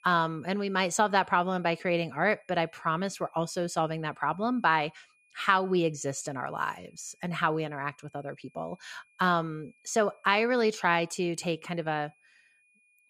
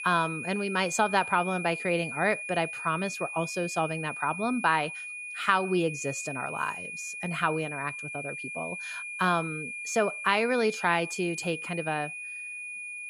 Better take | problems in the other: first | high-pitched whine; loud; throughout; 2.5 kHz, 7 dB below the speech; faint in the first

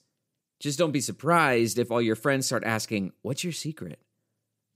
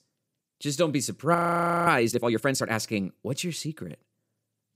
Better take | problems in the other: first | audio freezing; at 1.5 s for 0.5 s

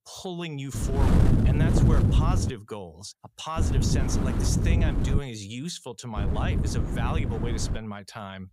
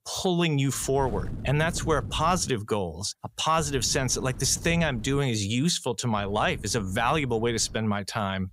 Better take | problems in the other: second | wind noise on the microphone; heavy; from 0.5 to 2.5 s, from 3.5 to 5 s and from 6 to 8 s; 1 dB above the speech; occasional gusts in the second

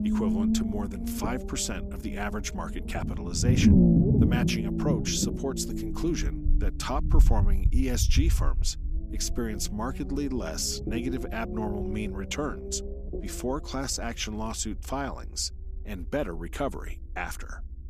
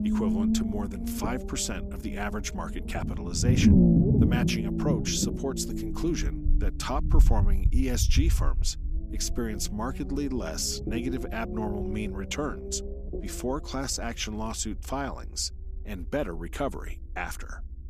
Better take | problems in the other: neither | low rumble; loud; throughout; 3 dB below the speech; the same in both

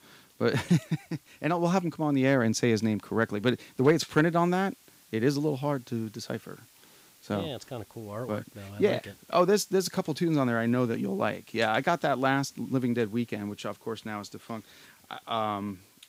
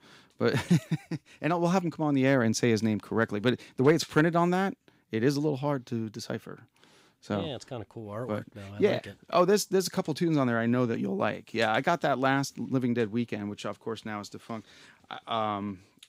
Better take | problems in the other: second | hiss; faint; throughout; 30 dB below the speech

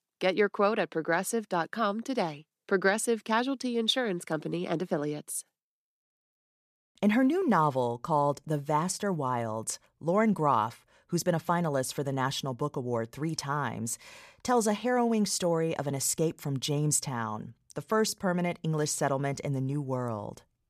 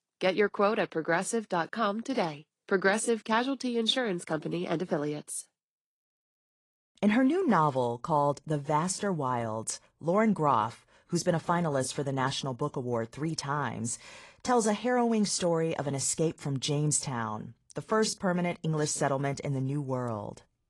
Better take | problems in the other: first | garbled, watery; slightly; nothing above 10 kHz

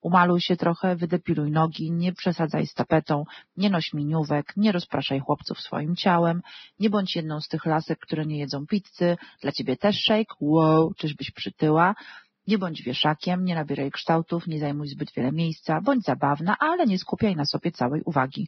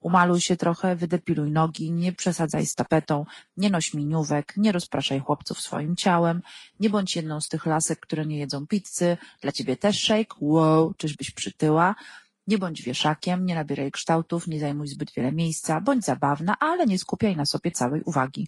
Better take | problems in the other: second | garbled, watery; badly; nothing above 5.5 kHz; slightly in the second

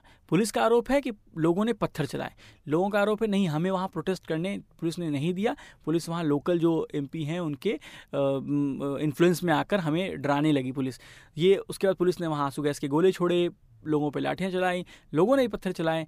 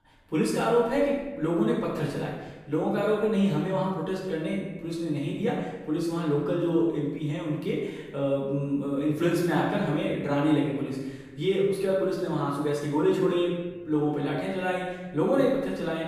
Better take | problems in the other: first | room echo; noticeable; dies away in 1 s // off-mic speech; far

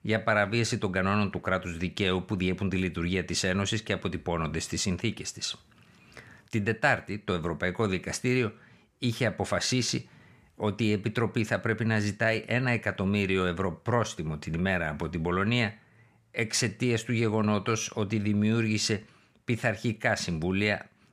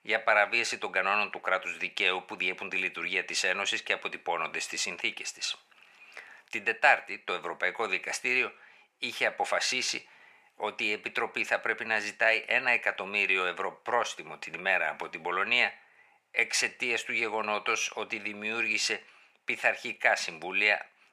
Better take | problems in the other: first | thin; very; fading below 600 Hz

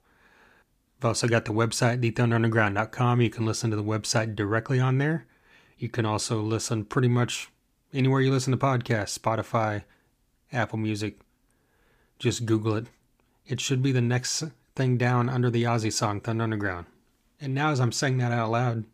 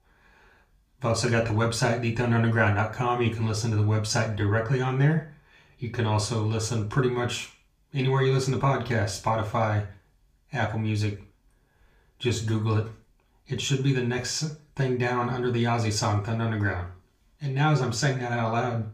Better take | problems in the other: first | room echo; very slight; dies away in 0.3 s // off-mic speech; far

